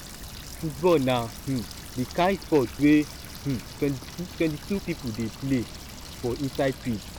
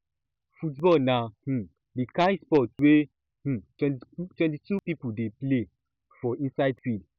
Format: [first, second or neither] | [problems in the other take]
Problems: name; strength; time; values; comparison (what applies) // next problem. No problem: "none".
second | background sound (Water tap, faucet + Water); 13 dB below the speech